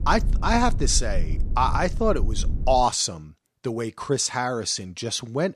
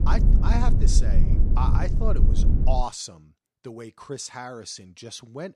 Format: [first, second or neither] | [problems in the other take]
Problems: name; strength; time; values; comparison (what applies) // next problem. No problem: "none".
first | low rumble; loud; until 3 s; 5 dB below the speech; faint in the first